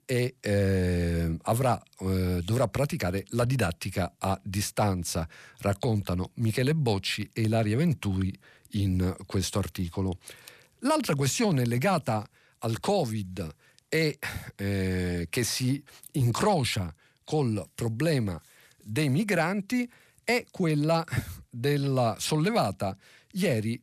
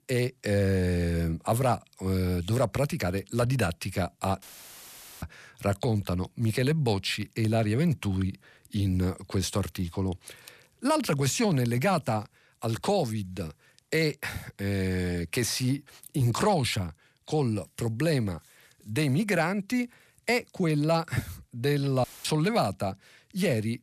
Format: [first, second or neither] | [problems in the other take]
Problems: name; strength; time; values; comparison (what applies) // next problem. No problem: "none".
first | audio cutting out; filled with static; at 4.5 s for 1 s and at 22 s